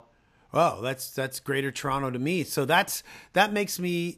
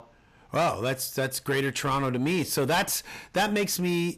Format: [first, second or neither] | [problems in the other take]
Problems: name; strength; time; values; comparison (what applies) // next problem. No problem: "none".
first | distortion; heavy; 7 dB below the speech